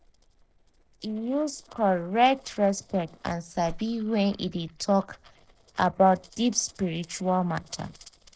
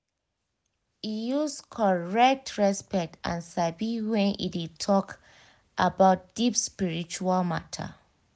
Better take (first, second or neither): second